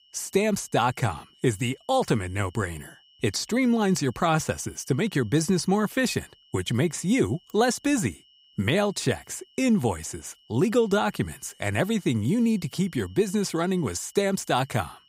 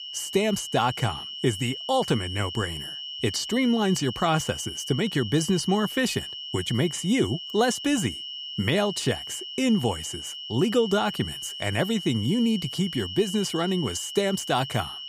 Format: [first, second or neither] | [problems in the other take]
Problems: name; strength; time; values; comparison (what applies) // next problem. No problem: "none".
first | high-pitched whine; loud; throughout; 3 kHz, 8 dB below the speech; faint in the first